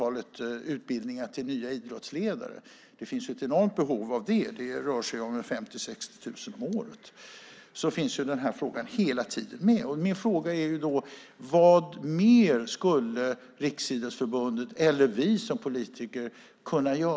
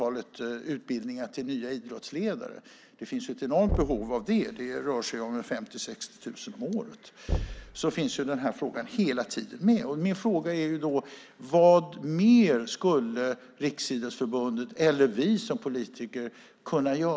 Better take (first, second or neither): first